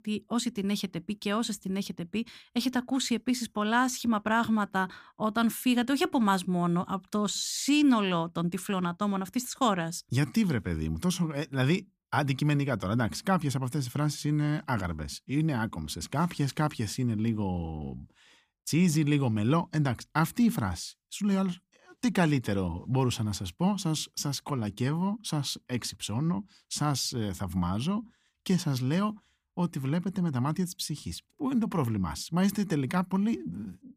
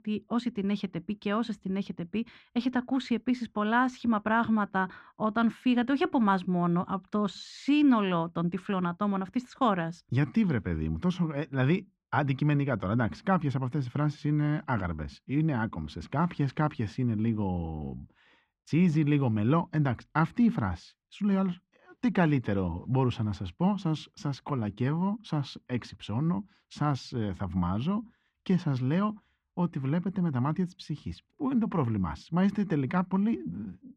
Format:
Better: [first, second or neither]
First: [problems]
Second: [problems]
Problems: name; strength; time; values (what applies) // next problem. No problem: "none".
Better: first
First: none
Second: muffled; slightly; fading above 2.5 kHz